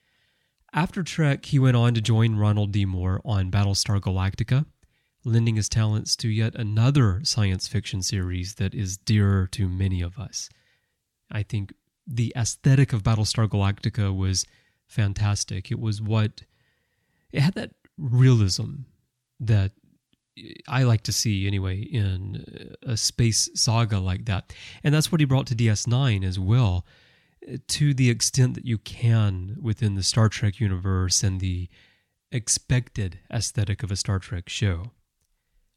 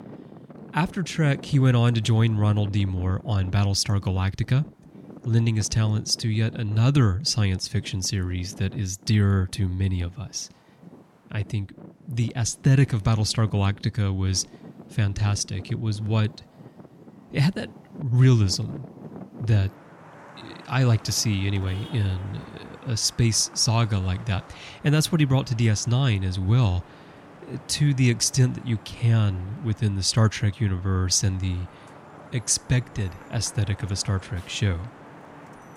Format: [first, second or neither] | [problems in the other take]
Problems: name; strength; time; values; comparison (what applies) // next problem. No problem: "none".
first | traffic noise; faint; throughout; 20 dB below the speech